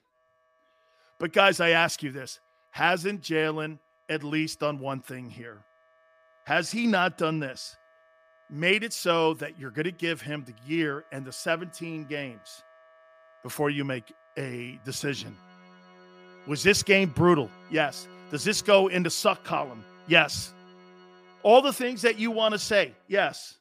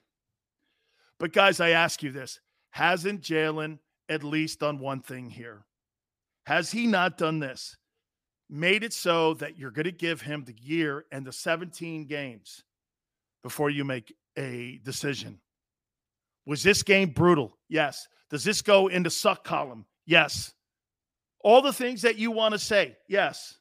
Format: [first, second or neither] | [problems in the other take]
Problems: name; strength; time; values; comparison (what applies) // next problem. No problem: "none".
second | background music; faint; throughout; 30 dB below the speech